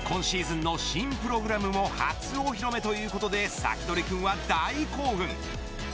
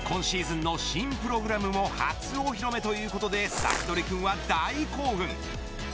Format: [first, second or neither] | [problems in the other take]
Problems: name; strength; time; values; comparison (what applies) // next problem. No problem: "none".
first | background sound (Crushing); 2 dB below the speech